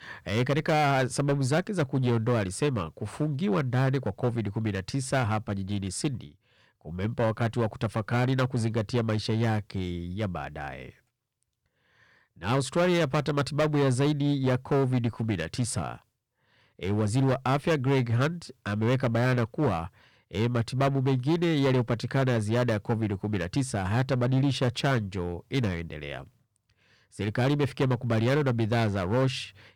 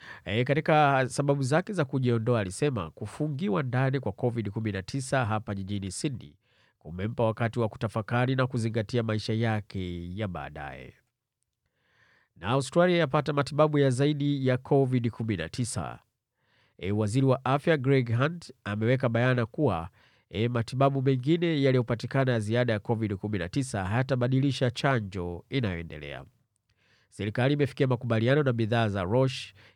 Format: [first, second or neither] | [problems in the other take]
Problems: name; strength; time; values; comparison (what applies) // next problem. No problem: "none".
second | distortion; slight; 10% of the sound clipped